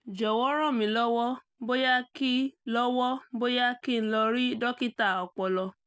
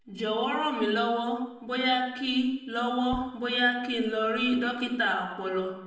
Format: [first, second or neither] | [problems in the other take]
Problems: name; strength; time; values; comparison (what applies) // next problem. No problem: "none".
first | background sound (Tap / Bass drum); 18 dB below the speech // room echo; dies away in 0.8 s